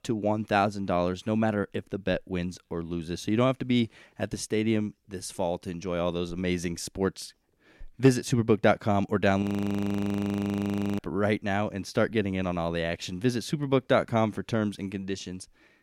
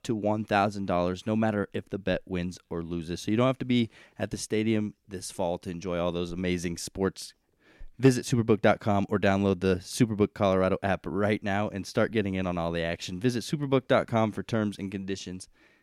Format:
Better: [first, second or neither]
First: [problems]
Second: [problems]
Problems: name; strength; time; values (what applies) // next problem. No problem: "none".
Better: second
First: audio freezing; at 9.5 s for 1.5 s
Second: none